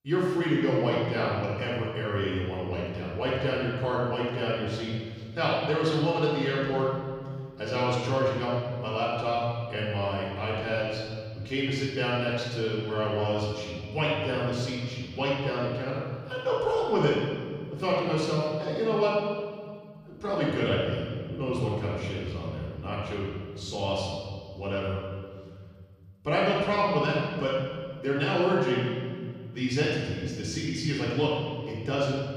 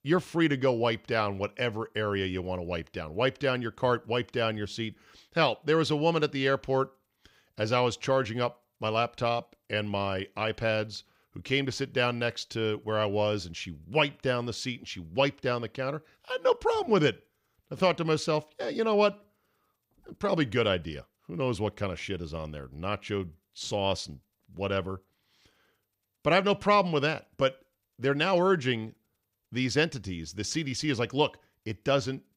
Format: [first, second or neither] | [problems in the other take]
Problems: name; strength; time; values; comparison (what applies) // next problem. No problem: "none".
second | room echo; strong; dies away in 2.4 s // off-mic speech; far